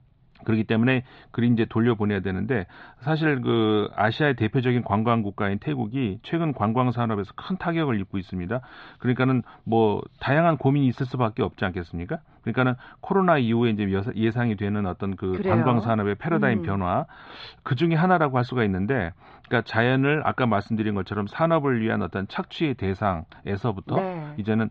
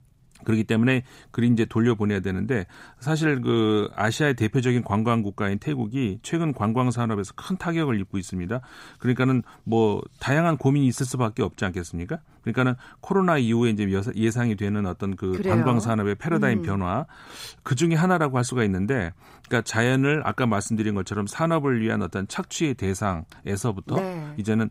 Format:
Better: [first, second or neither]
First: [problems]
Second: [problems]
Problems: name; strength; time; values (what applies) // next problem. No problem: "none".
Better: second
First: muffled; slightly; fading above 4 kHz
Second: none